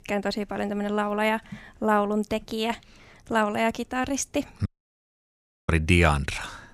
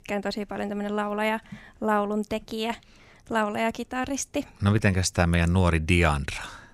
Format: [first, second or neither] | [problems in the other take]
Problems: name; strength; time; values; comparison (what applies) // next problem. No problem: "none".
second | audio cutting out; at 4.5 s for 1 s